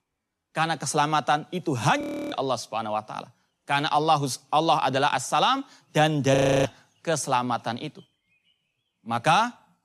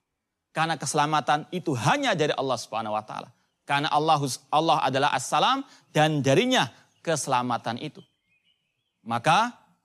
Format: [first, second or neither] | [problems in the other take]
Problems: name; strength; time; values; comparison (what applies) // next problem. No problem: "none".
second | audio freezing; at 2 s and at 6.5 s